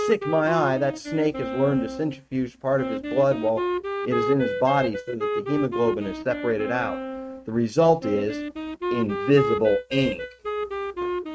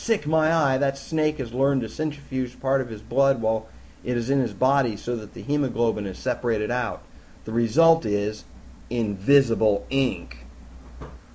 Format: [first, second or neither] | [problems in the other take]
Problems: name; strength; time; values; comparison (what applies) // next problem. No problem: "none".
second | noise reduction (neural mask model RNNoise)